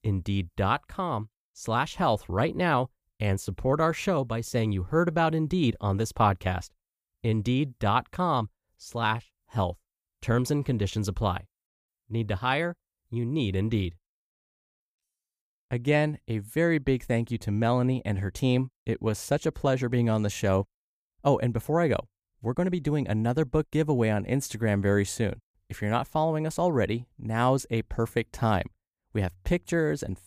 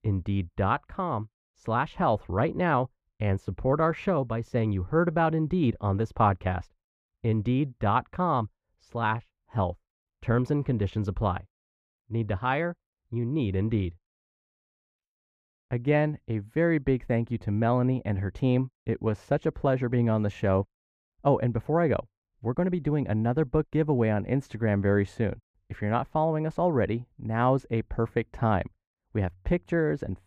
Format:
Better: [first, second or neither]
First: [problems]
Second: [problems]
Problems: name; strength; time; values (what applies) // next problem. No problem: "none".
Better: first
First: none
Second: muffled; very; fading above 4 kHz